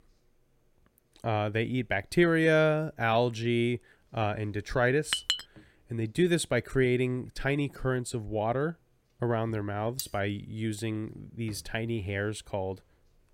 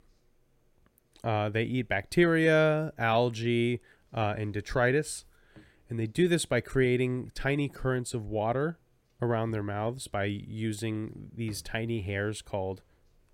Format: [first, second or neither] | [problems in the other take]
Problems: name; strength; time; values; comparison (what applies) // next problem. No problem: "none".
second | clattering dishes; loud; at 5 s; peak level with the speech // clattering dishes; very faint; at 10 s; peak 10 dB below the speech